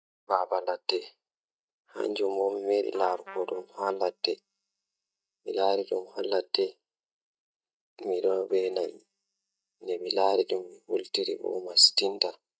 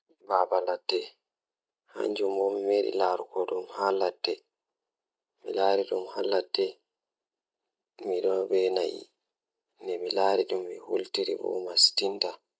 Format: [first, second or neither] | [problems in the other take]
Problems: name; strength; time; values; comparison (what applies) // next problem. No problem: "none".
second | noise reduction (neural mask model DeepFilterNet 3)